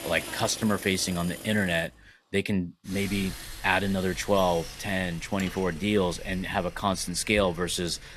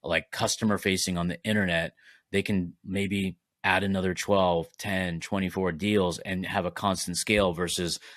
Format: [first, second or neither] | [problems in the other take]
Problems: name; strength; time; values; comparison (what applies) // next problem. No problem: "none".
second | machinery noise; noticeable; throughout; 15 dB below the speech